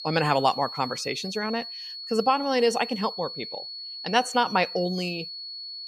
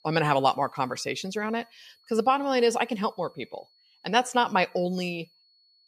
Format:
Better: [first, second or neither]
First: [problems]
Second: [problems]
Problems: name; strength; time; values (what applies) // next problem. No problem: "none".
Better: second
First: high-pitched whine; loud; throughout; 4.5 kHz, 9 dB below the speech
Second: high-pitched whine; faint; throughout; 4.5 kHz, 35 dB below the speech